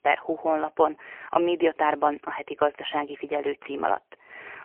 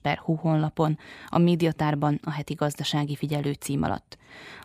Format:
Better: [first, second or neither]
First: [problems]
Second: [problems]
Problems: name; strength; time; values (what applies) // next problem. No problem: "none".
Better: second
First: phone-call audio; poor line; nothing above 3 kHz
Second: none